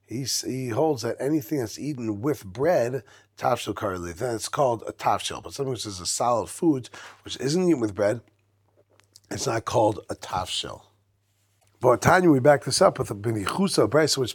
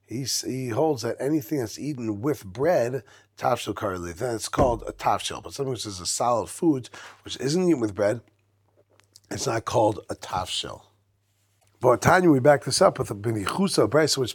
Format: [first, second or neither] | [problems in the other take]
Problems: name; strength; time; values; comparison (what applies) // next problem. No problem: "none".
first | door banging; noticeable; at 4.5 s; peak 6 dB below the speech